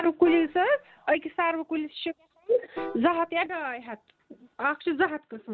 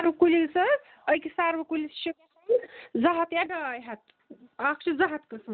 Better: second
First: background sound (Piano); 16 dB below the speech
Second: none

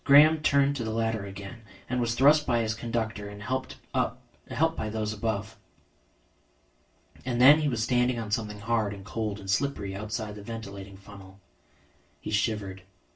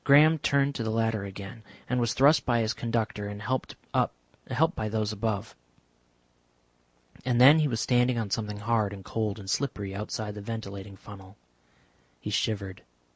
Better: second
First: room echo; dies away in 0.2 s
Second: none

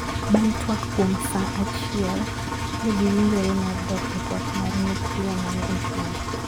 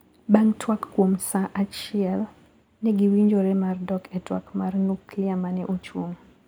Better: second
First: background sound (Engine); 2 dB below the speech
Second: none

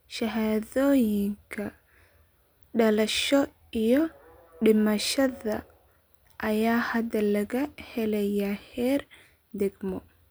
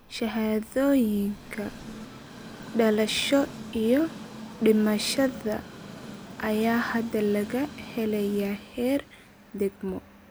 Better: first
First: none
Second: background sound (Train); 15 dB below the speech

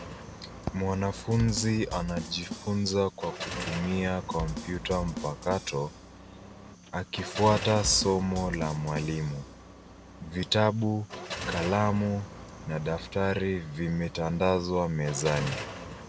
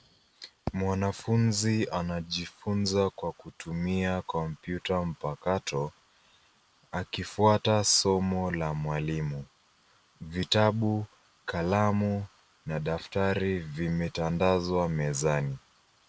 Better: second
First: background sound (Drum kit + Car); 10 dB below the speech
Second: none

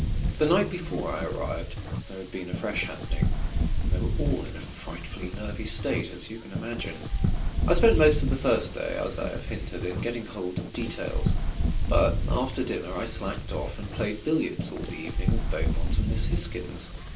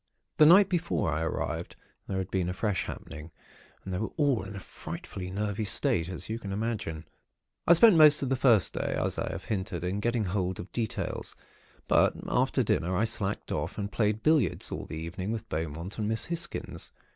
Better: second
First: background sound (Wind); 2 dB above the speech // room echo; dies away in 0.3 s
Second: none

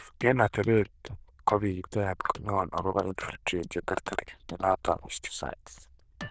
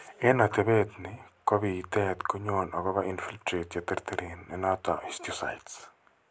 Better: second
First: noise reduction (neural diffusion model UNIVERSE++)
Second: none

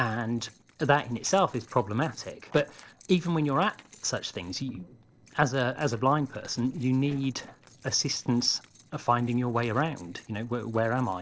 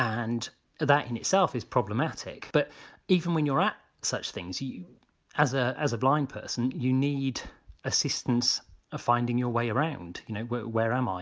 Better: second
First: noise reduction (neural separator model SepFormer DNS4)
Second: none

